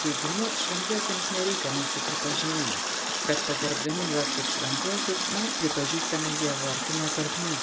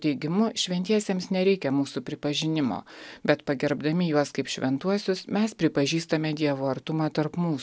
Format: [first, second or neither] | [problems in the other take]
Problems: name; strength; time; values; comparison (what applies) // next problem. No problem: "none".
second | background sound (Water tap, faucet); 3 dB above the speech // room echo; dies away in 0.2 s